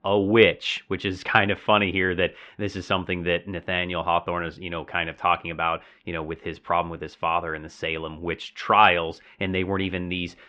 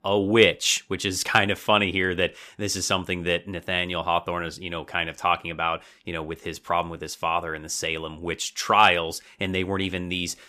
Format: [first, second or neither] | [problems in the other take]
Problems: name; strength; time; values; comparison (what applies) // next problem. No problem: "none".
second | muffled; very; fading above 3 kHz